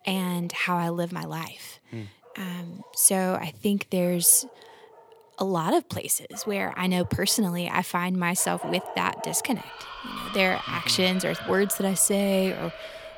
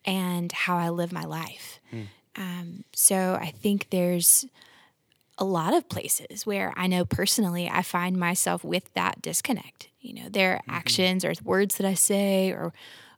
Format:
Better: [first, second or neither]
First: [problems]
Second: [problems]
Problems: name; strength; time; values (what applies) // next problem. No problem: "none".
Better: second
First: animal sounds; noticeable; throughout; 15 dB below the speech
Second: none